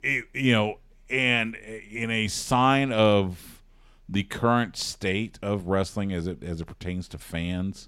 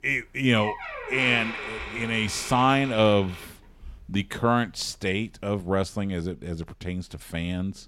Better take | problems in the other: first | door banging; noticeable; from 0.5 to 4 s; peak 5 dB below the speech

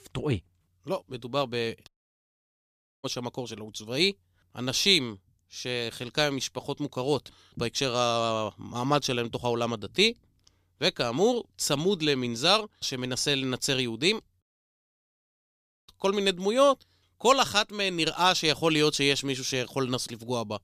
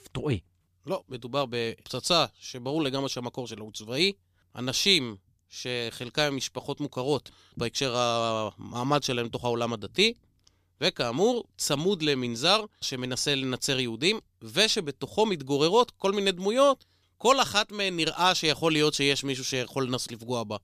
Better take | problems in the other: second | audio cutting out; at 2 s for 1 s and at 14 s for 1.5 s

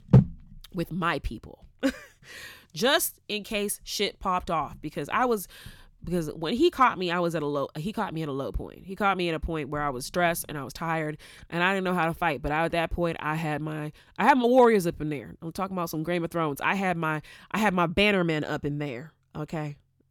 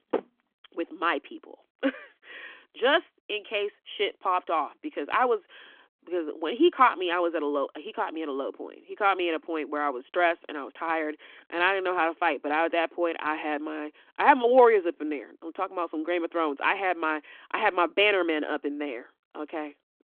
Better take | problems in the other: first | phone-call audio

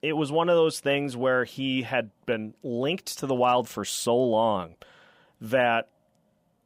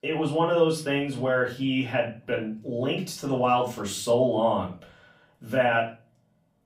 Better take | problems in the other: first | off-mic speech; far // room echo; slight; dies away in 0.4 s

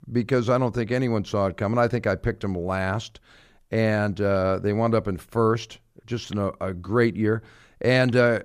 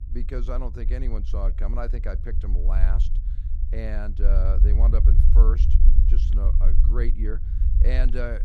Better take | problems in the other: first | low rumble; loud; throughout; 7 dB below the speech

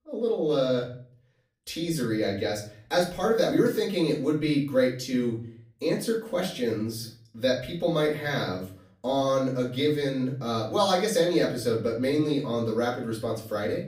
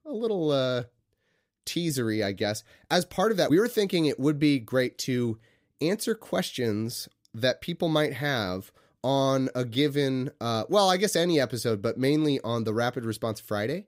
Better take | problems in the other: second | off-mic speech; far // room echo; slight; dies away in 0.4 s

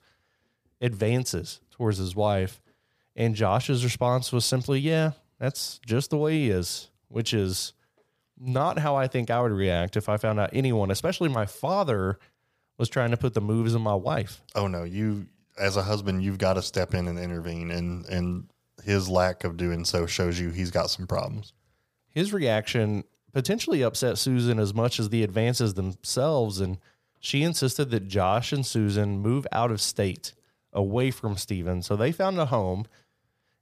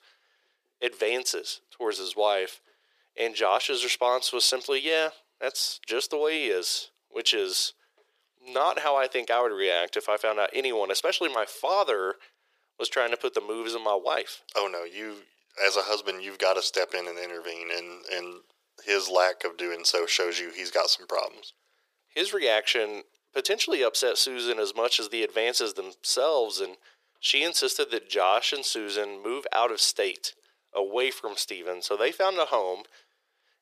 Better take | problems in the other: first | thin; very; fading below 400 Hz

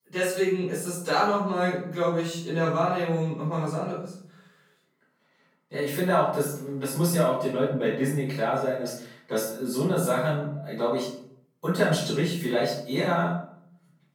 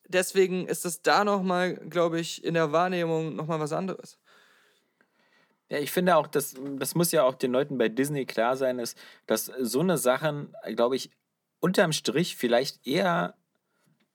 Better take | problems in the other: second | off-mic speech; far // room echo; noticeable; dies away in 0.6 s

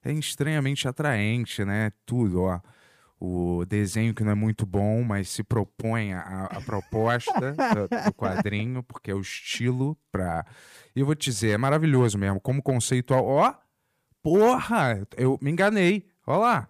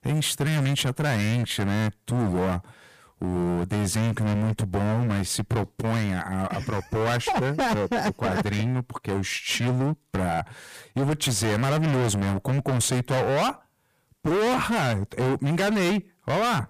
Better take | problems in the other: first | distortion; heavy; 29% of the sound clipped

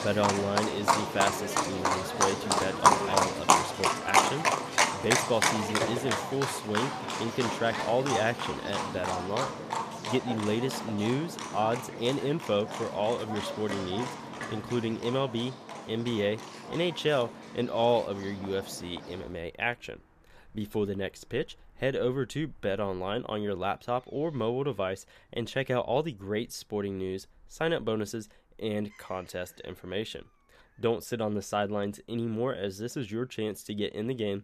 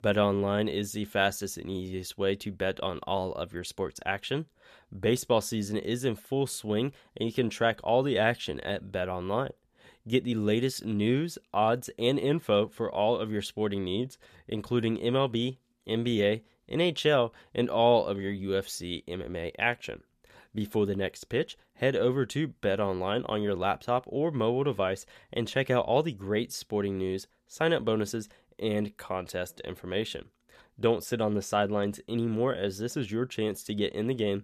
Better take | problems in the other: second | animal sounds; very loud; throughout; 2 dB above the speech

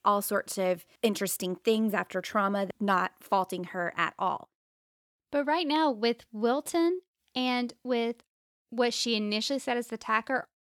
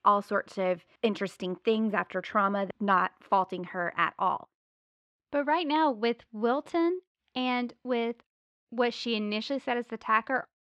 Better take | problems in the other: first | muffled; slightly; fading above 2.5 kHz

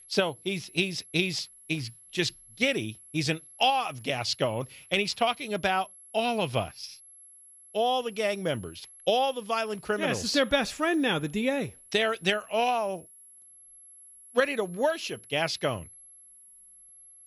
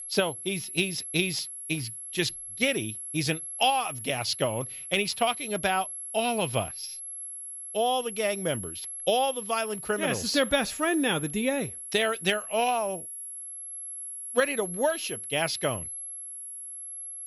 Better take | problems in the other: first | high-pitched whine; loud; throughout; 11 kHz, 8 dB below the speech; faint in the first

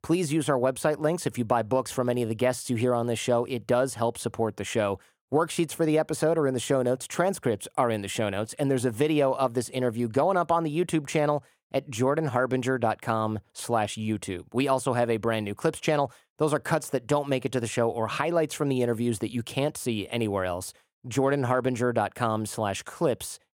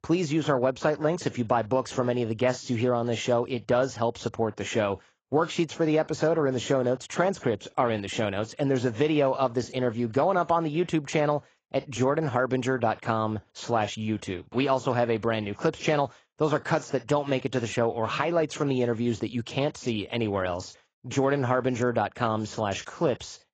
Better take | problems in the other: first | garbled, watery; badly; nothing above 7.5 kHz

